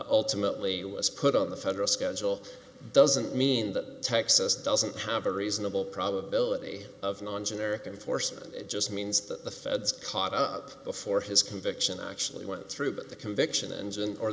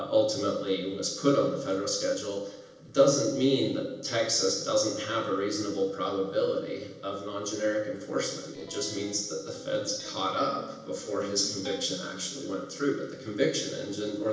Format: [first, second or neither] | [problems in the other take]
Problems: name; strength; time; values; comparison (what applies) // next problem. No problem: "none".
first | noise reduction (neural separator model SepFormer DNS4)